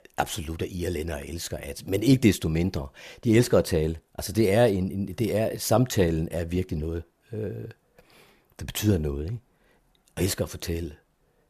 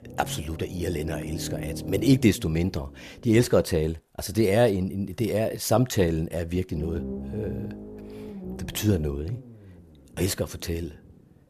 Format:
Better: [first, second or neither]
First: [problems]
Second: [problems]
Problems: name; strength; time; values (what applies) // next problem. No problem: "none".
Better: first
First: none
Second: low rumble; noticeable; until 3.5 s and from 6.5 s on; 15 dB below the speech